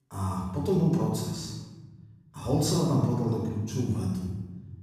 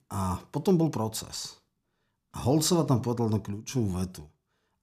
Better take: second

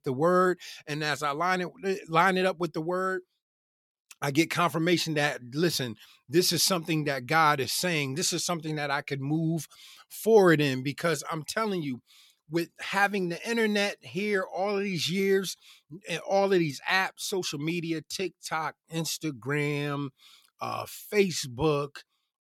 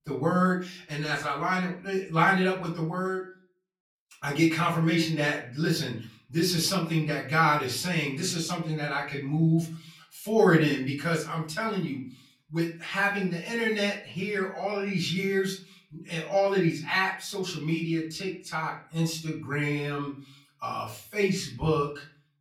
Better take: first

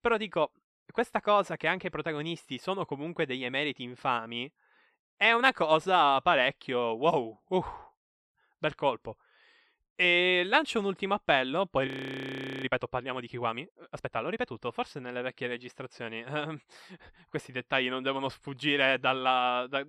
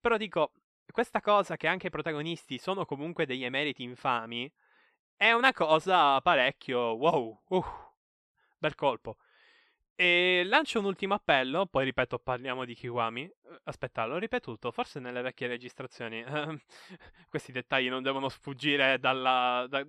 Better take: second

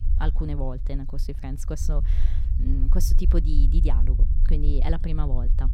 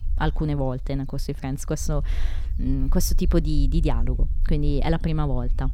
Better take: second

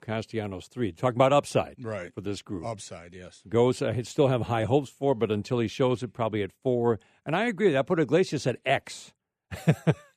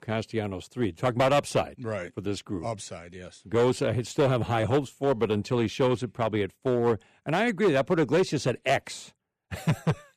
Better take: first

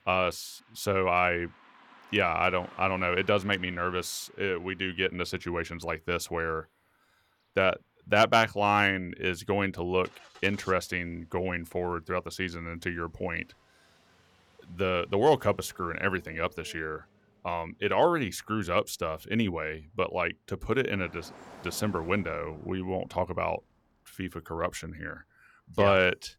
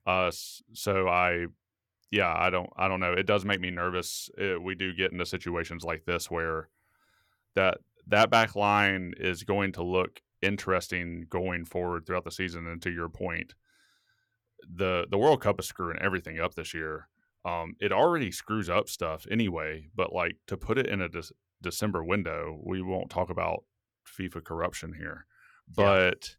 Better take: second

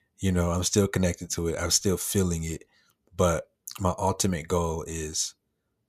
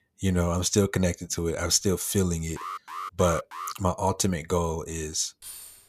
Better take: first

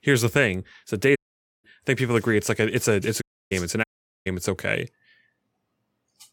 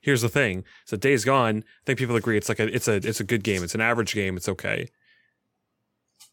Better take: second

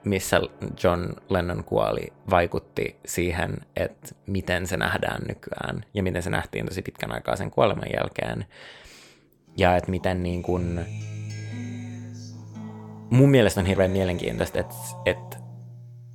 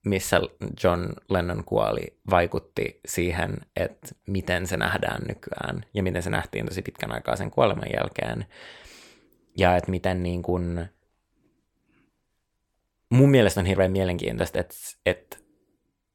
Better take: second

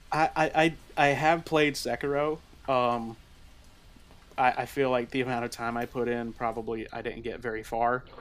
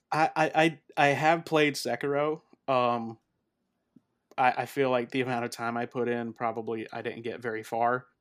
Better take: second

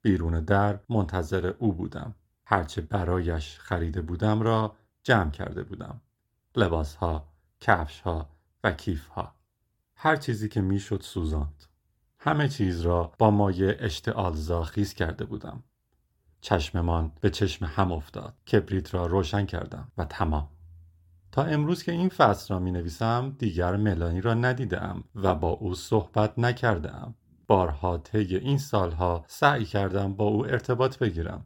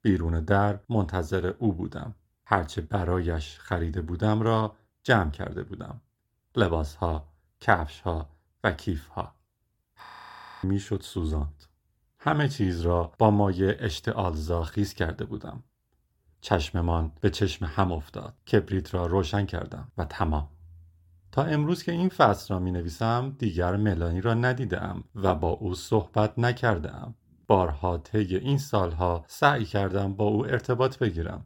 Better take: first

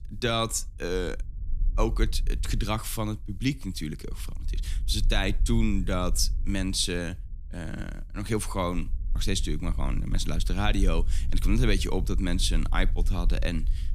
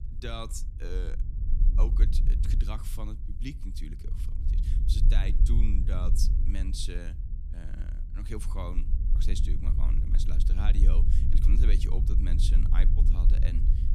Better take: first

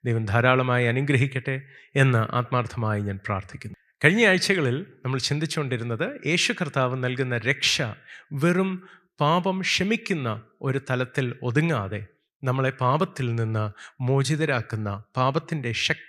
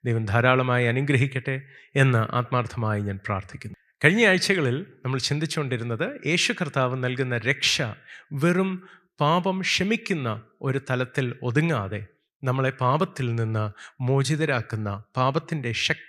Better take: neither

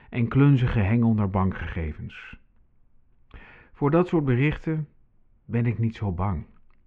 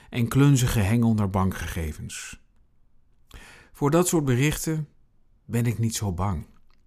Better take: second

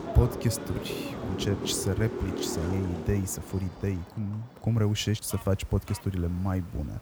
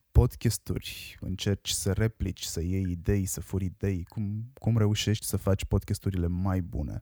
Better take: second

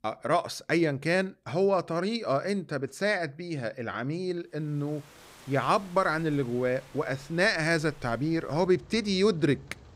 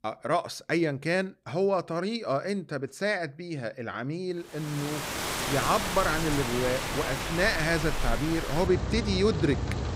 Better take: first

